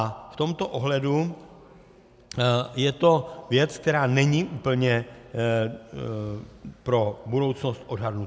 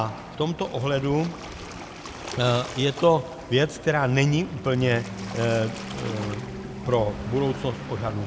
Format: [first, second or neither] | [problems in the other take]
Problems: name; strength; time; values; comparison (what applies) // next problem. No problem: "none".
first | background sound (Waves, surf); 11 dB below the speech